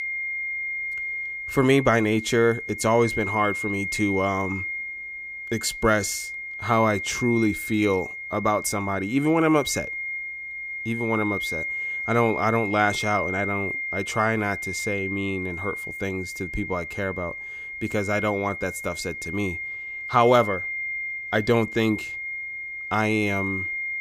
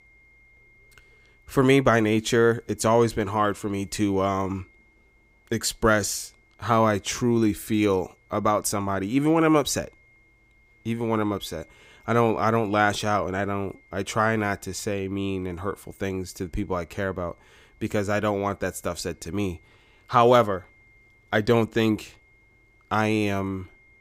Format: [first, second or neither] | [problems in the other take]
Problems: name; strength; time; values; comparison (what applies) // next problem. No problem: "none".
second | high-pitched whine; loud; throughout; 2 kHz, 5 dB below the speech; faint in the second